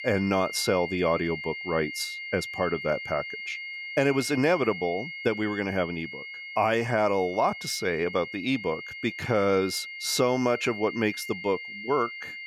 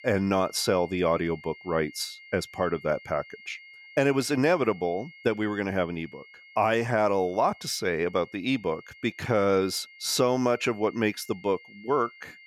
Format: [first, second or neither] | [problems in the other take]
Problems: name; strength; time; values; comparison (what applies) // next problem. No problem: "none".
second | high-pitched whine; loud; throughout; 2 kHz, 9 dB below the speech; faint in the second